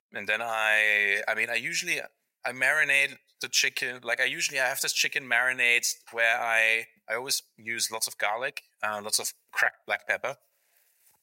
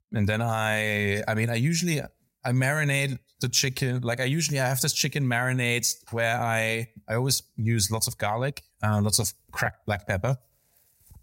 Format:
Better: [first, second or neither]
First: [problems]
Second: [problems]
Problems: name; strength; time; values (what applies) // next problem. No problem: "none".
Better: second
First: thin; very; fading below 550 Hz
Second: none